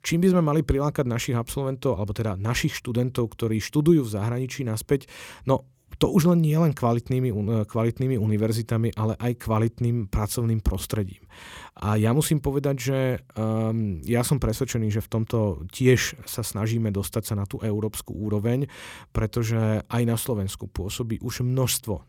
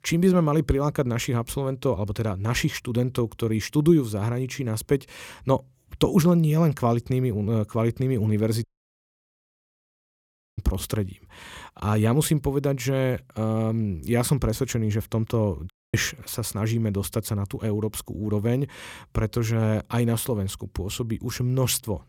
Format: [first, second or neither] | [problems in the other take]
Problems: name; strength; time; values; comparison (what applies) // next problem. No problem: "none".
first | audio cutting out; at 8.5 s for 2 s and at 16 s